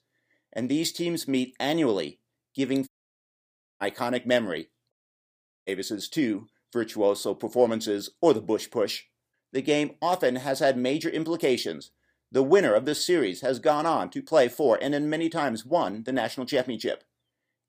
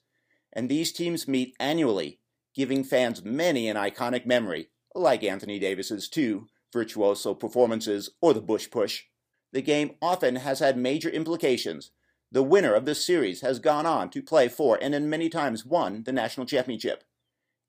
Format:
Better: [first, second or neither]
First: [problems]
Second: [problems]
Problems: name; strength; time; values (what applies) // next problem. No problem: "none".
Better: second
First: audio cutting out; at 3 s for 1 s and at 5 s for 0.5 s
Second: none